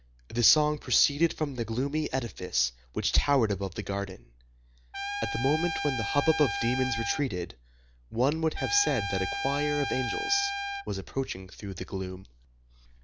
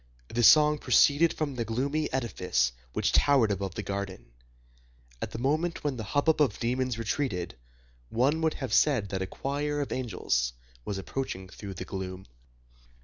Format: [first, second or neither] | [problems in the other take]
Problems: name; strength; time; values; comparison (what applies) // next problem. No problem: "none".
second | background sound (Trumpet); 4 dB below the speech